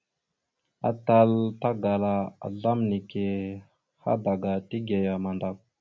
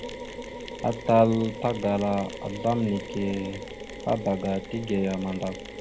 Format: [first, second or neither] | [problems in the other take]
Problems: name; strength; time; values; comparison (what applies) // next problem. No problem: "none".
first | background sound (Mechanisms); 11 dB below the speech